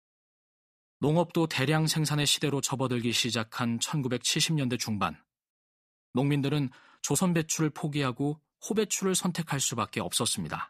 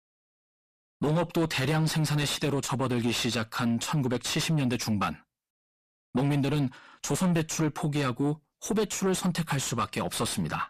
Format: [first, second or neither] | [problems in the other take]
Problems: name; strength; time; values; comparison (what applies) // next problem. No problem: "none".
first | distortion; heavy; 6 dB below the speech